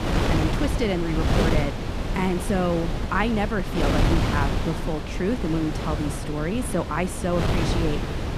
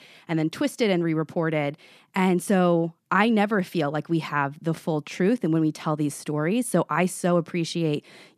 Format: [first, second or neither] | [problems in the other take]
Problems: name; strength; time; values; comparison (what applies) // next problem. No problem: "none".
second | wind noise on the microphone; heavy; 2 dB below the speech